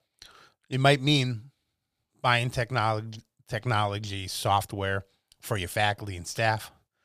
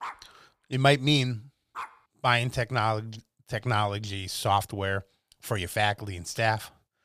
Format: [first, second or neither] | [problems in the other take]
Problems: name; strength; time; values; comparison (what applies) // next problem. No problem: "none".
first | dog barking; faint; until 2 s; peak 15 dB below the speech